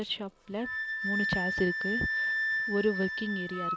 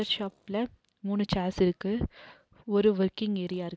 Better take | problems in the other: second | background sound (Wind instrument, woodwind instrument); 1 dB above the speech

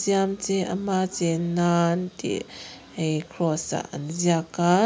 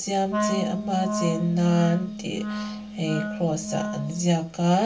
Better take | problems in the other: first | background sound (Wind instrument, woodwind instrument); 5 dB below the speech // room echo; dies away in 0.2 s

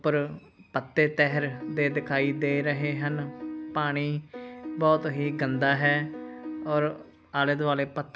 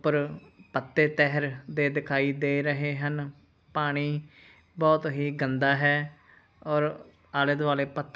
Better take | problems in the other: second | background sound (Piano); 10 dB below the speech

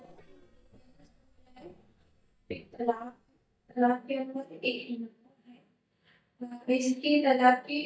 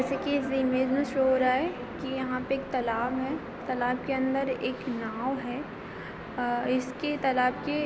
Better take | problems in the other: second | noise reduction (neural mask model DeepFilterNet 3)

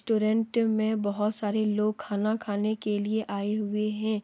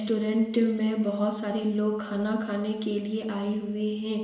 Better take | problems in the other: first | room echo; dies away in 1.3 s

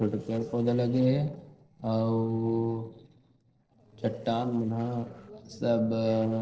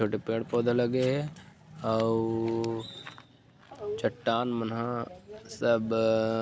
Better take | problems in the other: second | noise reduction (neural separator model SepFormer DNS4)

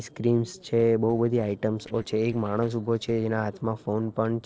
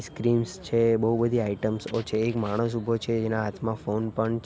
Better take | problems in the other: second | noise reduction (neural separator model SepFormer DNS4)

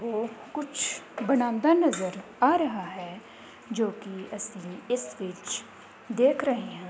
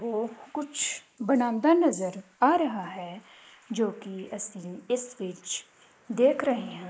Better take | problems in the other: first | noise reduction (neural mask model Resemble Enhance denoiser)

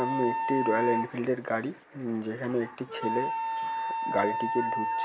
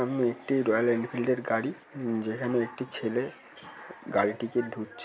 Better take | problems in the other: second | background sound (Wind instrument, woodwind instrument); 1 dB below the speech

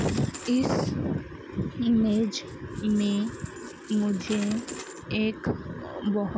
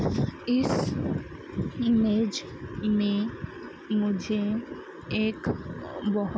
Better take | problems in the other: second | background sound (Coin (dropping)); 19 dB below the speech

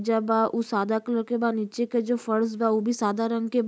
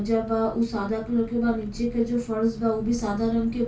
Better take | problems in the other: first | background sound (Engine); 14 dB below the speech // room echo; dies away in 0.2 s

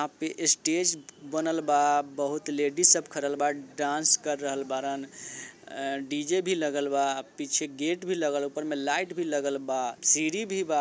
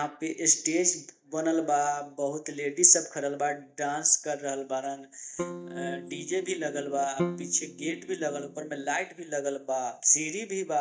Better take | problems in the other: first | noise reduction (neural mask model DeepFilterNet 3)

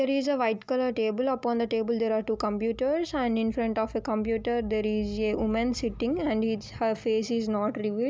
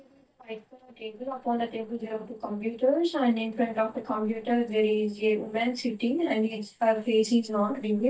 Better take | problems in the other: first | noise reduction (neural mask model DeepFilterNet 3)

